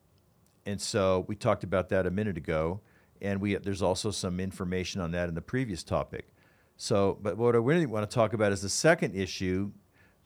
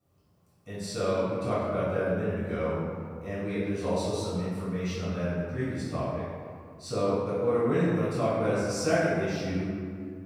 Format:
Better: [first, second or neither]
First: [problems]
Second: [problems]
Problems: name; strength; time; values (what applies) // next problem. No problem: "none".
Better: first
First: none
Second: room echo; strong; dies away in 1.9 s // off-mic speech; far